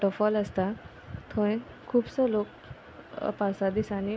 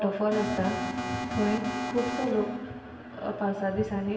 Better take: first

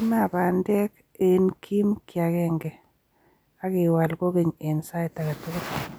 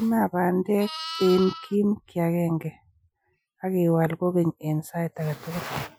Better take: first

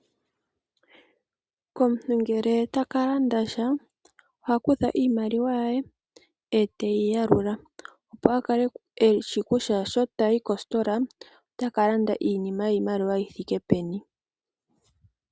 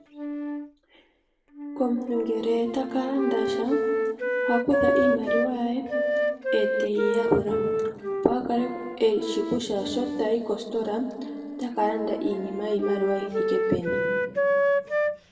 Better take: first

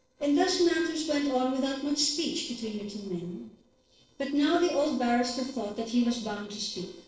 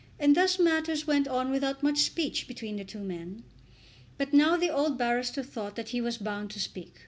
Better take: second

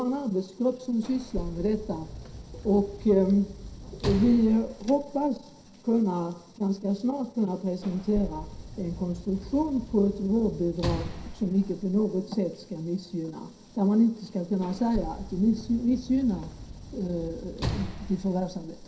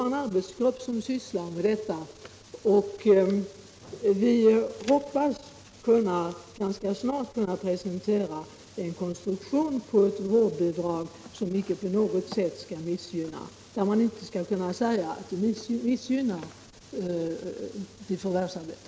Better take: second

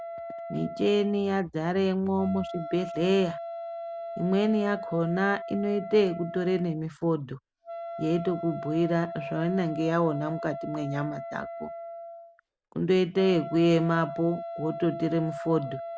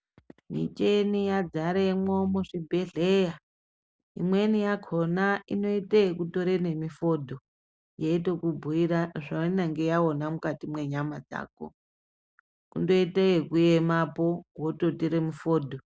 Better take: second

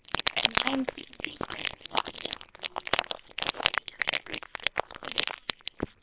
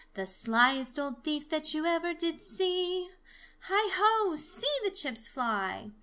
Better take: second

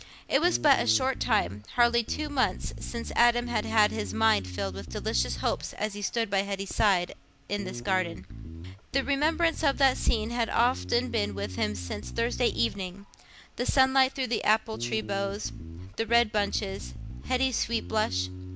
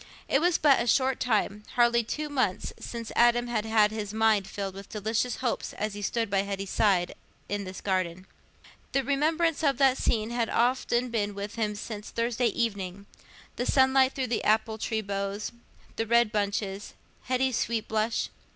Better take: second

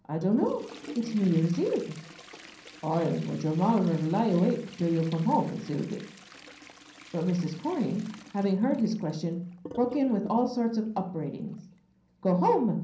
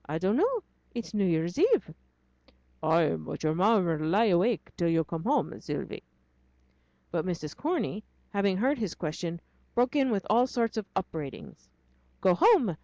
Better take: second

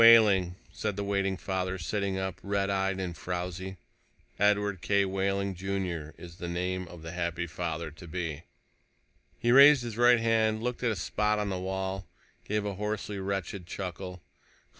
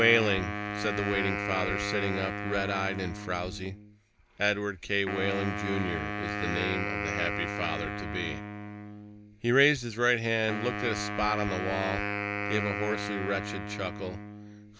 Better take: first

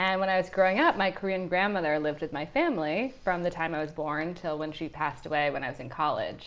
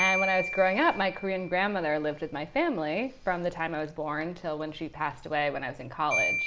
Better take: first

